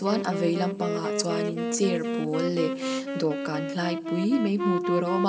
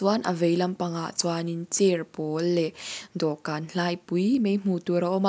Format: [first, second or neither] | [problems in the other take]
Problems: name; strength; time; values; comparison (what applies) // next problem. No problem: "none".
second | background sound (Wind instrument, woodwind instrument); 2 dB below the speech // room echo; dies away in 3 s